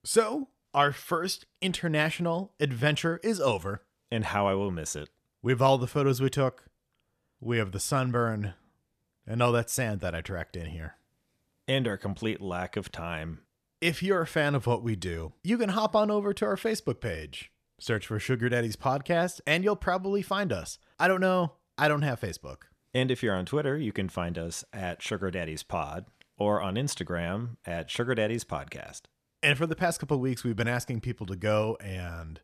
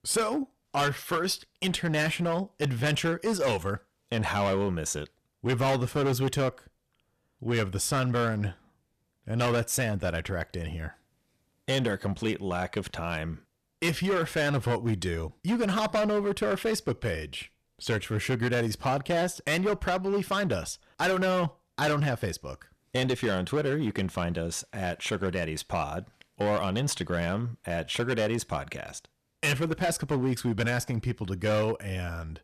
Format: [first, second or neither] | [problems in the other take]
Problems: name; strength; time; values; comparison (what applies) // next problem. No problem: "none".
first | distortion; heavy; 10% of the sound clipped